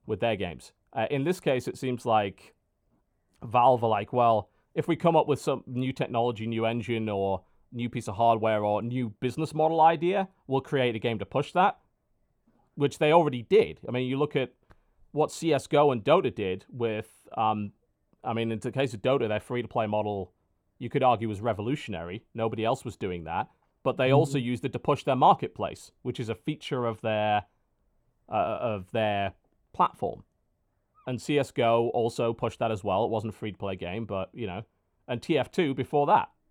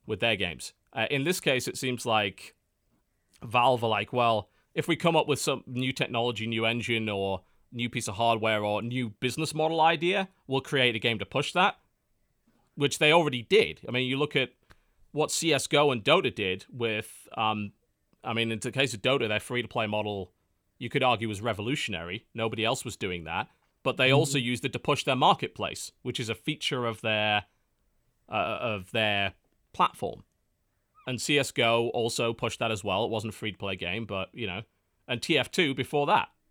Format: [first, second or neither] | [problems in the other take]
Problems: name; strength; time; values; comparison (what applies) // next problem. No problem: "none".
second | muffled; slightly; fading above 1.5 kHz